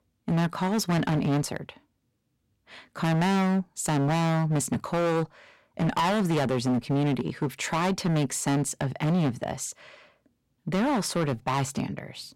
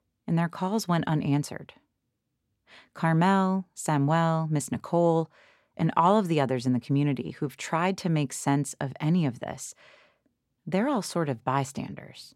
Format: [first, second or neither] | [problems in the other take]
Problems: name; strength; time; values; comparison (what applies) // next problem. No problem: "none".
second | distortion; heavy; 19% of the sound clipped